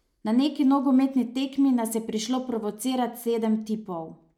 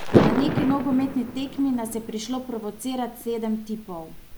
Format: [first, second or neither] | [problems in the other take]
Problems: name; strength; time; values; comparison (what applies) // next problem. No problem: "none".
first | noise reduction (neural mask model Resemble Enhance denoiser)